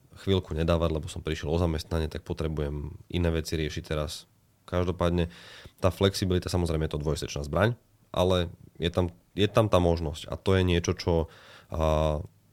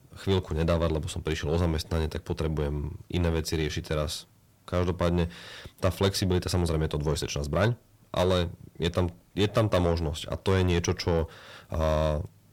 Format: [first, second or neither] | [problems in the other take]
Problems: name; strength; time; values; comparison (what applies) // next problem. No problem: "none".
first | distortion; slight; 10 dB below the speech